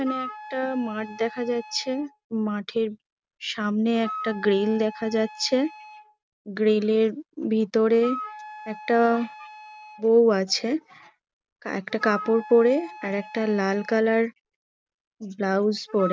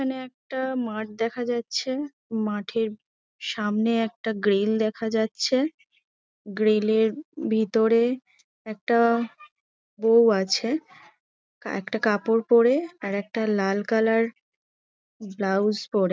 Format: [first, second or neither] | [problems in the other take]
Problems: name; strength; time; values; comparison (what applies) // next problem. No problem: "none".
second | background sound (Wind instrument, woodwind instrument); 16 dB below the speech